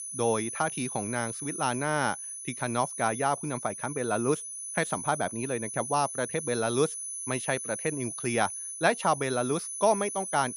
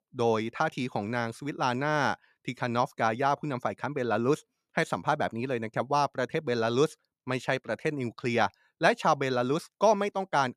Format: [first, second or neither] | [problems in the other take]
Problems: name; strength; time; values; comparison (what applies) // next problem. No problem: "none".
second | high-pitched whine; loud; throughout; 10 kHz, 6 dB below the speech